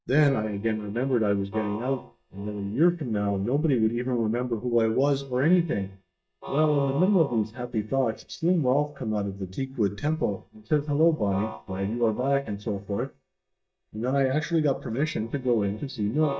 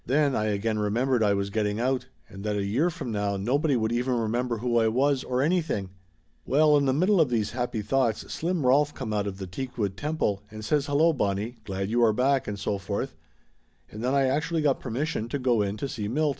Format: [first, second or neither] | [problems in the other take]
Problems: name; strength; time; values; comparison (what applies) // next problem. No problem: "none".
second | noise reduction (neural mask model DeepFilterNet 3)